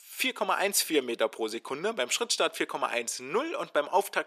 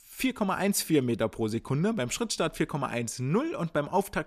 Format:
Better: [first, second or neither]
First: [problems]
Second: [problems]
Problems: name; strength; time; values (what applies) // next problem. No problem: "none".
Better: second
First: thin; very; fading below 400 Hz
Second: none